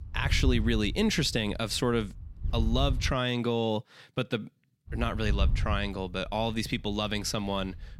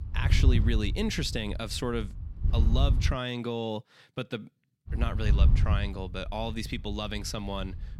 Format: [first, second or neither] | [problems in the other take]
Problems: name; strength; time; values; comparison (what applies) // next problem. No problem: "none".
first | wind noise on the microphone; heavy; until 3 s and from 5 s on; 9 dB below the speech; occasional gusts in the first